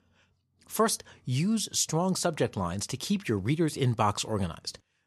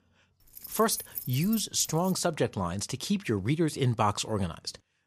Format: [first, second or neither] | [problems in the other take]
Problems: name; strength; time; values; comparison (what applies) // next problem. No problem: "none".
first | jangling keys; noticeable; from 0.5 to 2 s; peak 7 dB below the speech